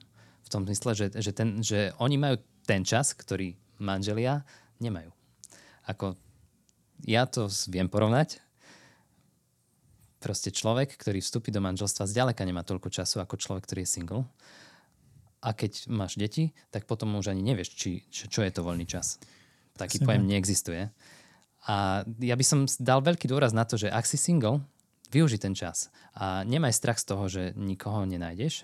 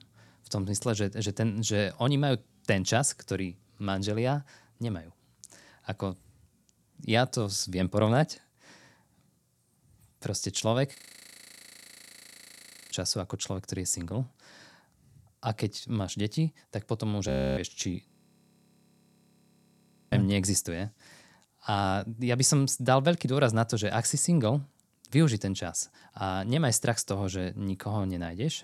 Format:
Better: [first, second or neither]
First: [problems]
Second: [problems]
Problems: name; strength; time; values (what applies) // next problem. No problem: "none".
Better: first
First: none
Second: audio freezing; at 11 s for 2 s, at 17 s and at 18 s for 2 s